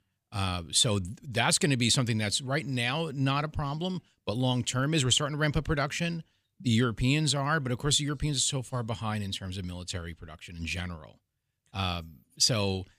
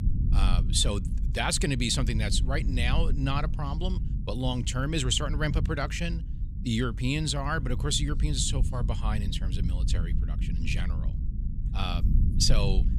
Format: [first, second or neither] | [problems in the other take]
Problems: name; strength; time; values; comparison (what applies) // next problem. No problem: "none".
first | low rumble; noticeable; throughout; 15 dB below the speech